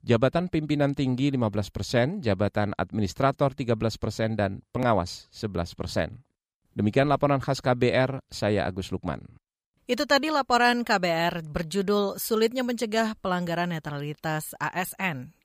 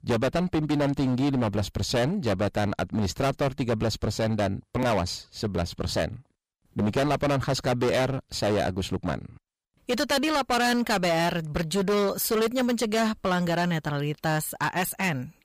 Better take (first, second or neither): first